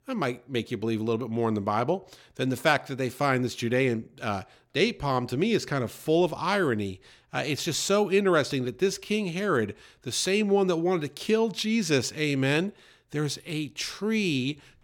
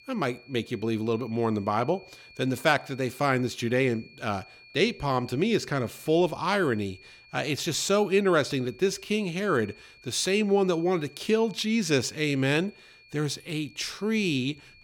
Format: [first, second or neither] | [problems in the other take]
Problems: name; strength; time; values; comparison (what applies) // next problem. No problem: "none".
first | high-pitched whine; faint; throughout; 2.5 kHz, 25 dB below the speech